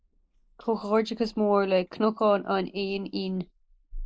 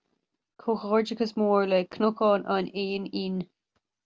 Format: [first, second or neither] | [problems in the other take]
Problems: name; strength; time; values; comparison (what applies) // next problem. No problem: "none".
second | noise reduction (neural mask model Resemble Enhance denoiser)